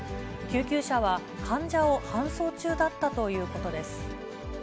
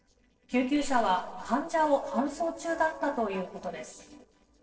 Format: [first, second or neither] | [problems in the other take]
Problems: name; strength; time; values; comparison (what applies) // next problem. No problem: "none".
first | noise reduction (neural separator model SepFormer DNS4)